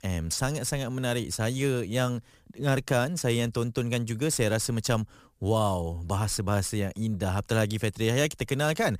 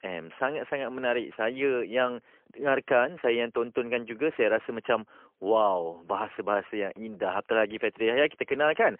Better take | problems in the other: first | phone-call audio; poor line; nothing above 3 kHz

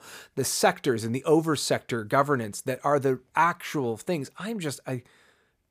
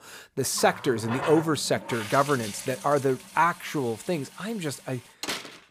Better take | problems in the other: first | household noises; noticeable; throughout; 10 dB below the speech

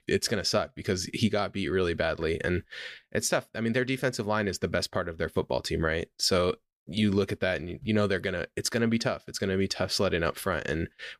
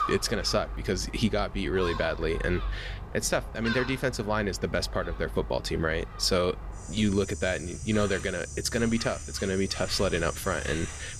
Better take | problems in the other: first | animal sounds; loud; throughout; 9 dB below the speech

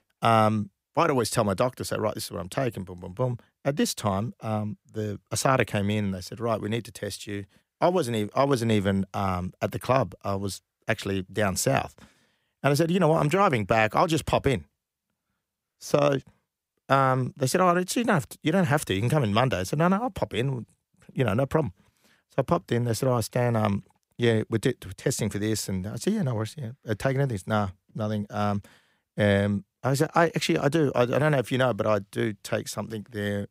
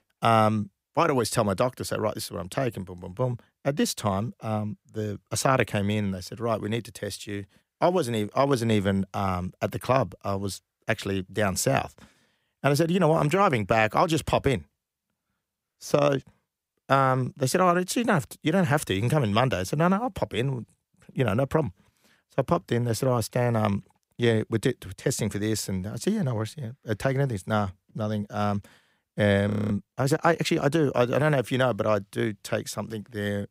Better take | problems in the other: first | audio freezing; at 29 s

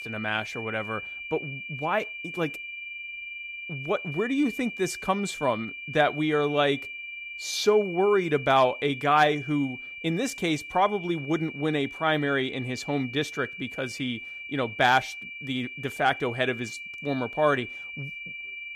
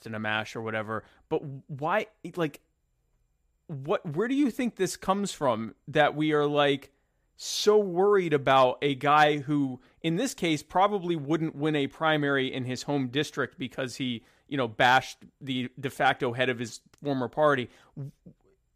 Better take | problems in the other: second | high-pitched whine; loud; throughout; 2.5 kHz, 9 dB below the speech

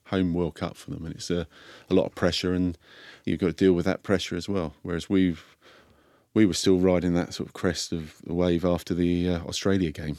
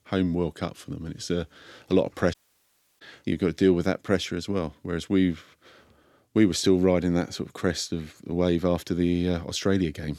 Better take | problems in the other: first | audio cutting out; at 2.5 s for 0.5 s

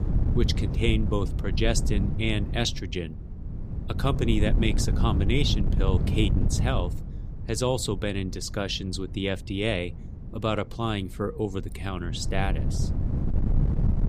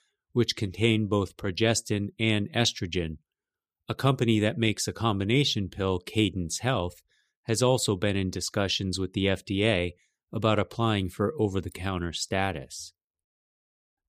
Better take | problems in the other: second | wind noise on the microphone; heavy; 10 dB below the speech

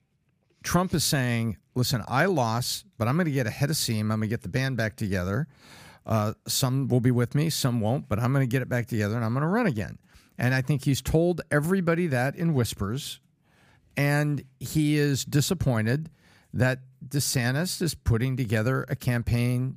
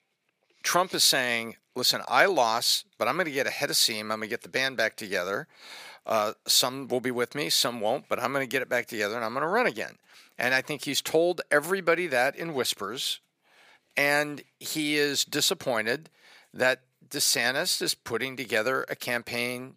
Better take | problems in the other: first | thin; very; fading below 500 Hz

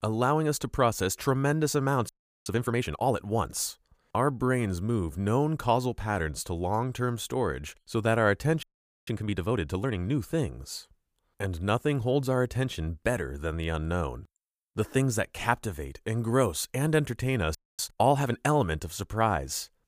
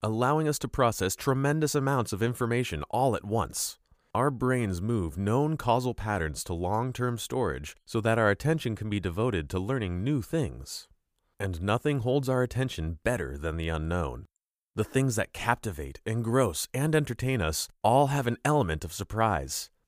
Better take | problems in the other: second | audio freezing; at 2 s, at 8.5 s and at 18 s

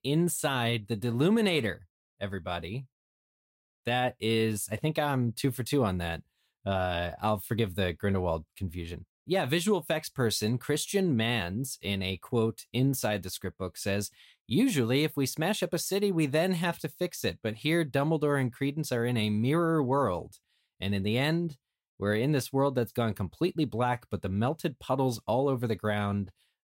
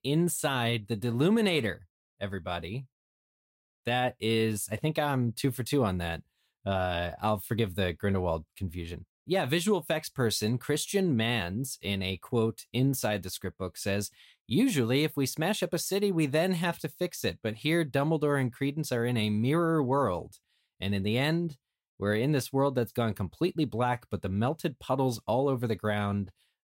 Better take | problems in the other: neither | none

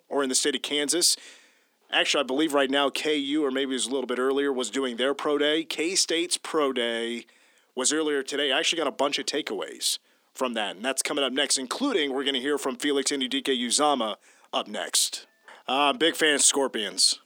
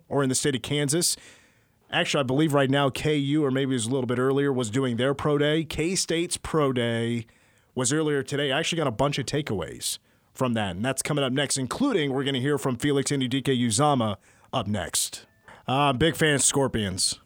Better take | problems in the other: second | thin; very slightly; fading below 250 Hz

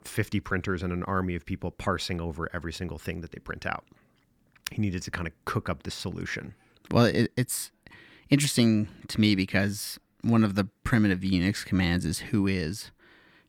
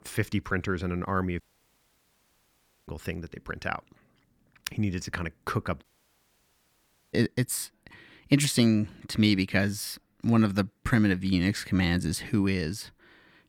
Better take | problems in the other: first | audio cutting out; at 1.5 s for 1.5 s and at 6 s for 1.5 s

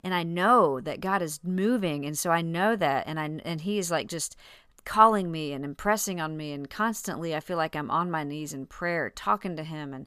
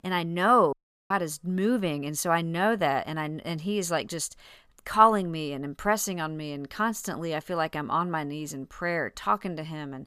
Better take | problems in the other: first | audio cutting out; at 0.5 s

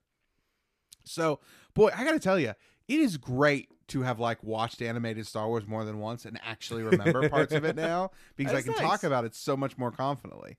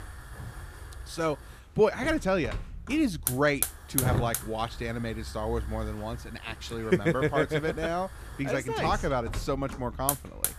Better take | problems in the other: first | hiss; loud; throughout; 6 dB below the speech

